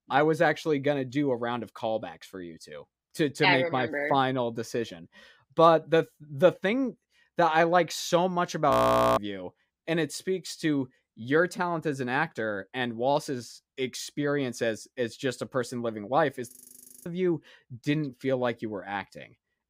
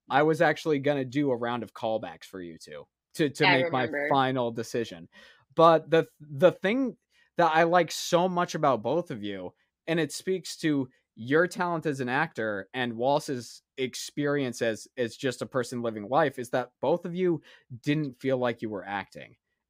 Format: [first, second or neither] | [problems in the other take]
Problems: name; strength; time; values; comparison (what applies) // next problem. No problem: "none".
second | audio freezing; at 8.5 s and at 17 s for 0.5 s